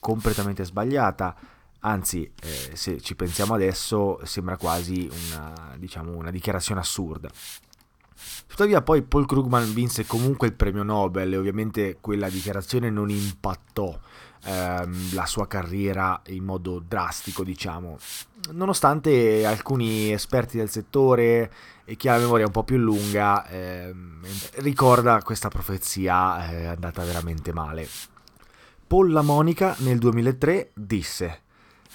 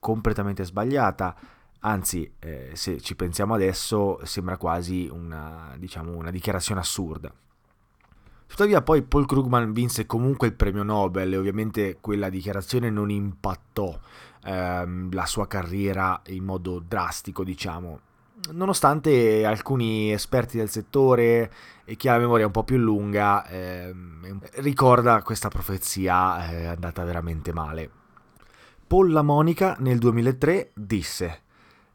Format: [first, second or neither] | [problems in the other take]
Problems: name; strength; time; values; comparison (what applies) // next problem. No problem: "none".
second | hiss; noticeable; throughout; 15 dB below the speech